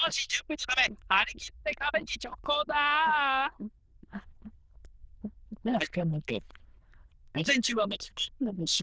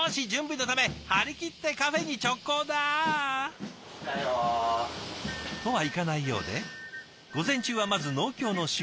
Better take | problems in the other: second | noise reduction (neural diffusion model UNIVERSE++)

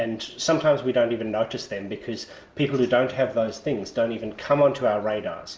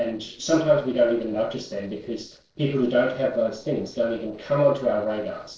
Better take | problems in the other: first | noise reduction (neural separator model SepFormer DNS4)

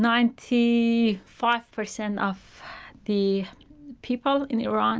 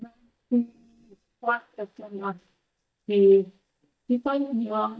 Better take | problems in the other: first | noise reduction (neural mask model DeepFilterNet 3)

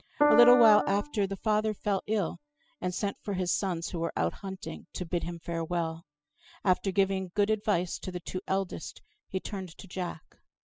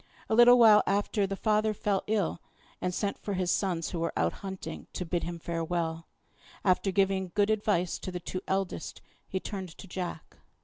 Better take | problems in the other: second | noise reduction (classical method spectral subtraction)

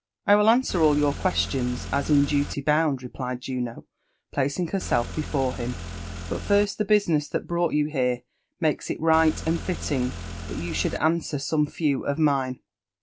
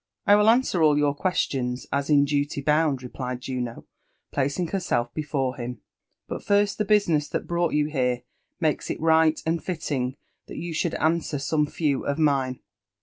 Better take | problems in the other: second | background sound (Car); 9 dB below the speech

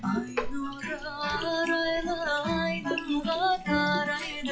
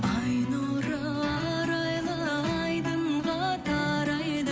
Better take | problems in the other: second | noise reduction (classical method log-MMSE)

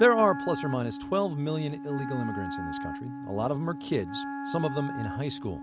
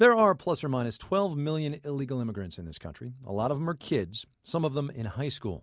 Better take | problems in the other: second | background sound (Wind instrument, woodwind instrument); 7 dB below the speech

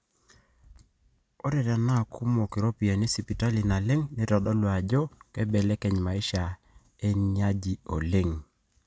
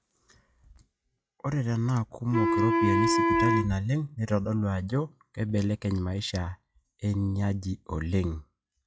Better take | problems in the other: first | noise reduction (classical method log-MMSE)

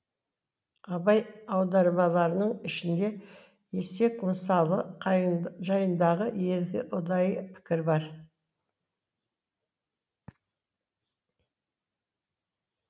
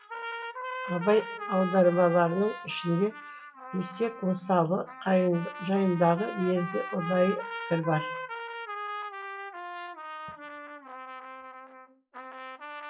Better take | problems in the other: first | noise reduction (classical method WPE with log-MMSE)

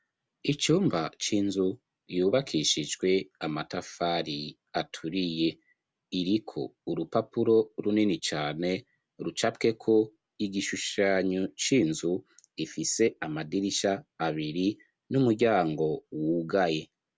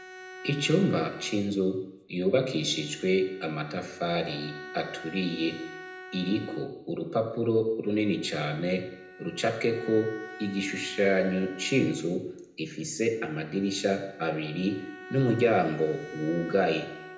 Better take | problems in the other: first | background sound (Bowed string instrument); 17 dB below the speech // room echo; dies away in 0.8 s

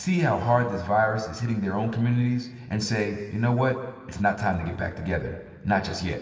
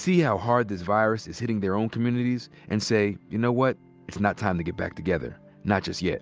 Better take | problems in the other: second | room echo; dies away in 2.1 s

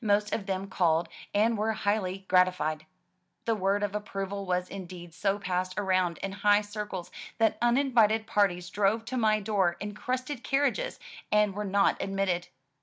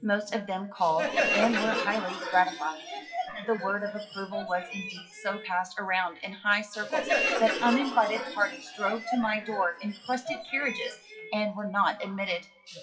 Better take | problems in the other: first | noise reduction (classical method WPE with log-MMSE)

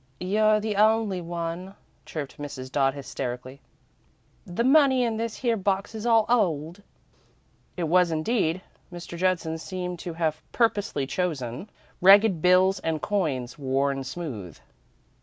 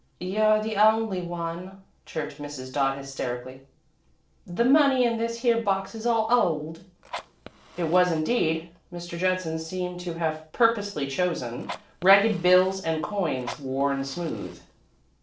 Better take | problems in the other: first | noise reduction (neural separator model SepFormer DNS4)

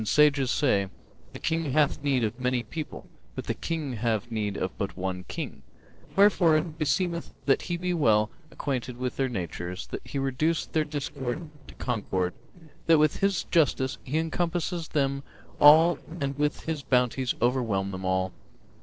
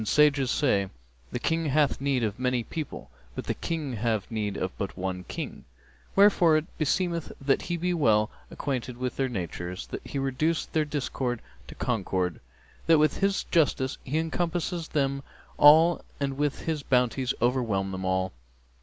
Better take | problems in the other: second | noise reduction (neural separator model SepFormer DNS4)

